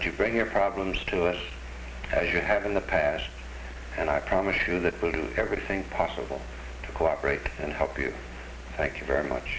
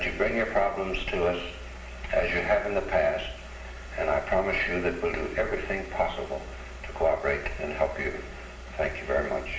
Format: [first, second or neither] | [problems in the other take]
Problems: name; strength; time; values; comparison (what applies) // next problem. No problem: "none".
first | background sound (Burping, eructation); 20 dB below the speech // room echo; dies away in 0.8 s